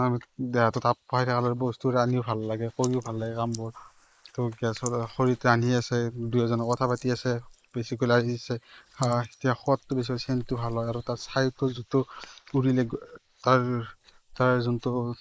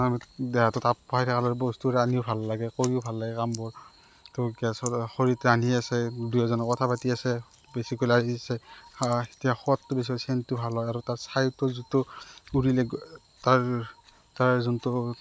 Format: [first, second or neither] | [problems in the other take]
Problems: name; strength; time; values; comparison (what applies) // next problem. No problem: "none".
second | noise reduction (neural mask model Resemble Enhance denoiser)